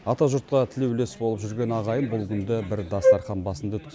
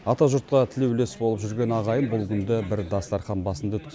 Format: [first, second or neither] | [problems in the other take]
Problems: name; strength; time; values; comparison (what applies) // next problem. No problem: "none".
second | background sound (Wind instrument, woodwind instrument); 3 dB above the speech